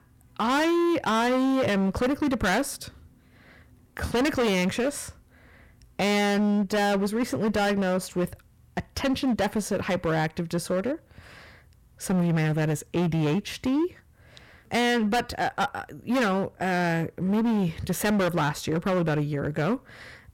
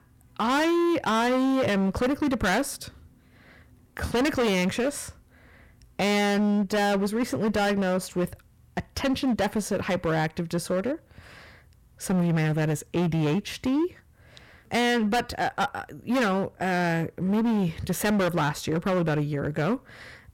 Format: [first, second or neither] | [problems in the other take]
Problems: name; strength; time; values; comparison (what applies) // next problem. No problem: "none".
neither | distortion; heavy; 19% of the sound clipped; the same in both